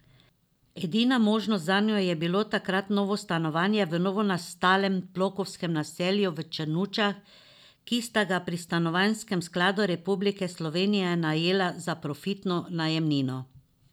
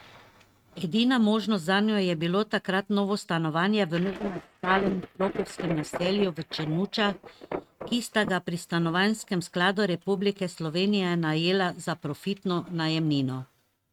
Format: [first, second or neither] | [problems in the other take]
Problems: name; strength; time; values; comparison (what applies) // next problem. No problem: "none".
first | noise reduction (neural mask model RNNoise)